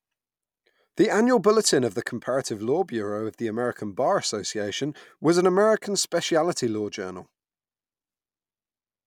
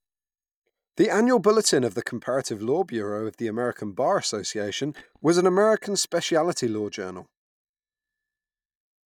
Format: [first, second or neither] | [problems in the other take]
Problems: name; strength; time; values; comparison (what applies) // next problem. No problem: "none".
first | noise reduction (neural mask model DeepFilterNet 3)